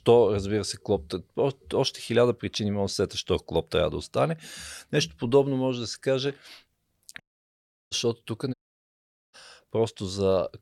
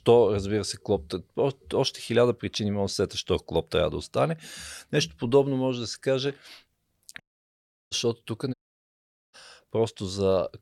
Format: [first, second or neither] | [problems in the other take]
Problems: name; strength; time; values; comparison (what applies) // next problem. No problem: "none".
neither | audio cutting out; at 7 s for 0.5 s and at 8.5 s for 1 s; the same in both